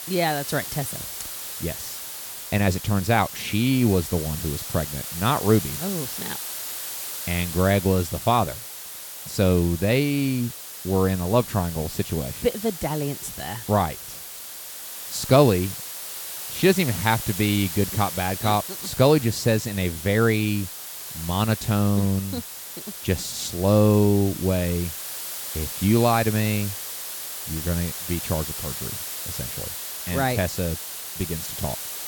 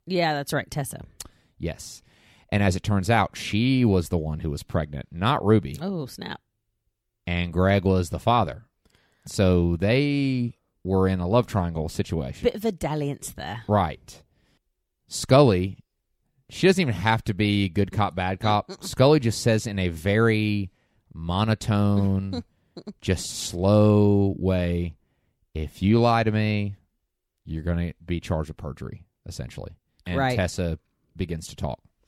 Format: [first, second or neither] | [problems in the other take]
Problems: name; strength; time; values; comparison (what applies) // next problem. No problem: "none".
second | hiss; loud; throughout; 8 dB below the speech